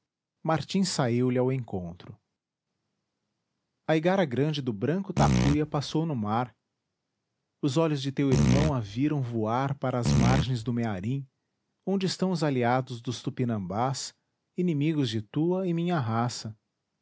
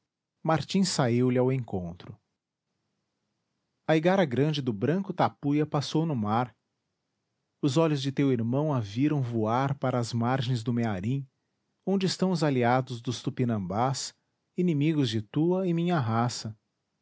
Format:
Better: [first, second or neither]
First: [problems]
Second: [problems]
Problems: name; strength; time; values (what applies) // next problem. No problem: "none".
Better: second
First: background sound (Fart); 3 dB above the speech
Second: none